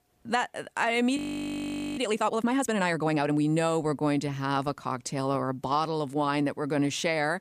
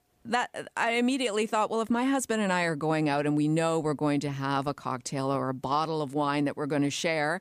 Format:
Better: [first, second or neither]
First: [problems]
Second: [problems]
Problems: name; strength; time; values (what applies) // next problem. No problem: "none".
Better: second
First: audio freezing; at 1 s for 1 s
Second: none